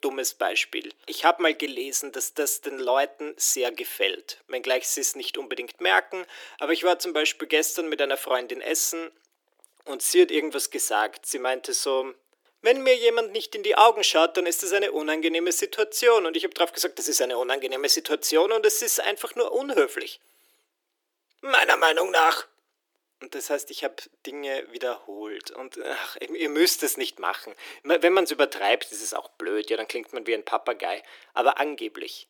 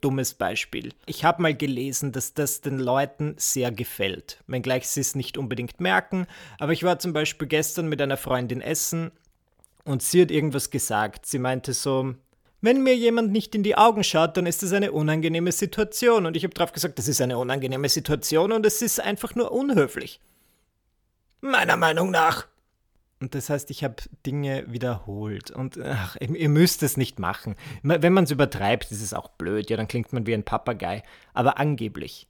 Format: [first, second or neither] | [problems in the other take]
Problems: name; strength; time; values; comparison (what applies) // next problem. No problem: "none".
second | thin; very; fading below 300 Hz